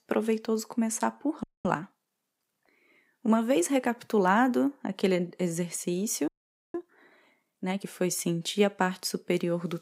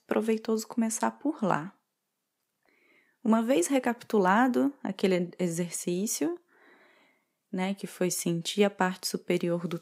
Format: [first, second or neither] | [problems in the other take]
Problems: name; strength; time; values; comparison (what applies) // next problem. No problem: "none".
second | audio freezing; at 1.5 s and at 6.5 s